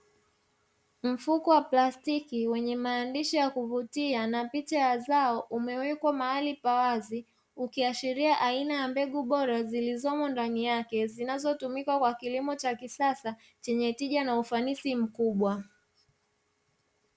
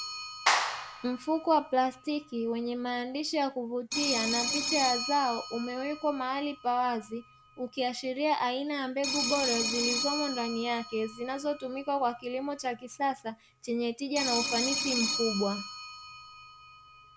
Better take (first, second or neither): first